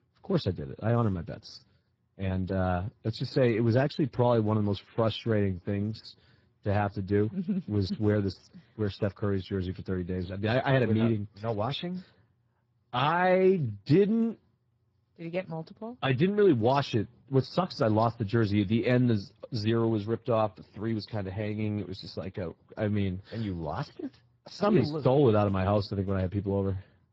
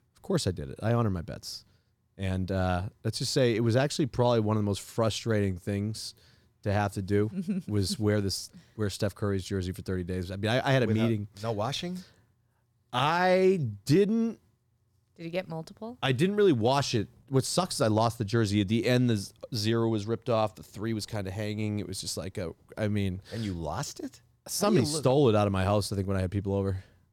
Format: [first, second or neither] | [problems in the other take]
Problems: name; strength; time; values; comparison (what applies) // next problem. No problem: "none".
second | garbled, watery; badly